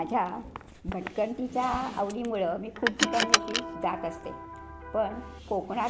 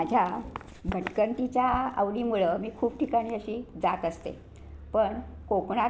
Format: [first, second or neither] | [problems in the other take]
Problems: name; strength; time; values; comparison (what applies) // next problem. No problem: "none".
second | background sound (Car + Electric guitar); 3 dB below the speech